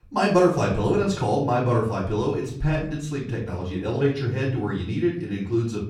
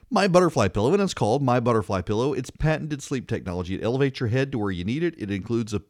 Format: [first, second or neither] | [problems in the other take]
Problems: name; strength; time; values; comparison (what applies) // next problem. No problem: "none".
second | off-mic speech; far // room echo; slight; dies away in 0.6 s